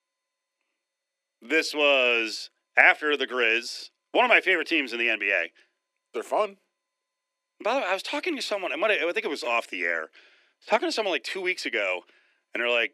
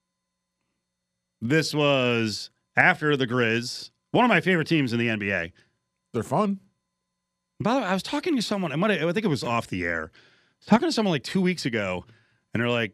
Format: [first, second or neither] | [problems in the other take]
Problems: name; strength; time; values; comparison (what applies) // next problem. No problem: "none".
second | thin; very; fading below 300 Hz